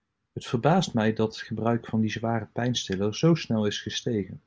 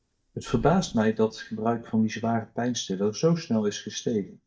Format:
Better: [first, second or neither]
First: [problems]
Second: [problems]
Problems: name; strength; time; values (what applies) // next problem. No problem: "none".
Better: first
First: none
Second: noise reduction (neural mask model DeepFilterNet 3)